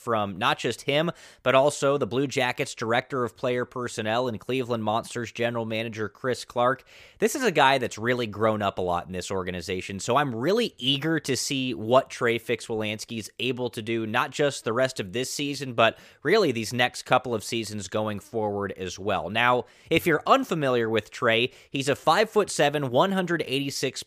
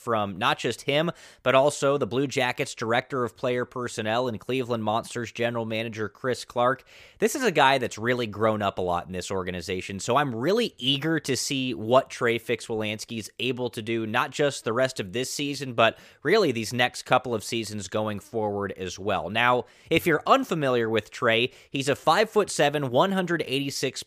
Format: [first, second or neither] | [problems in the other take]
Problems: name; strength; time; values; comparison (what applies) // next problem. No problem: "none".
neither | none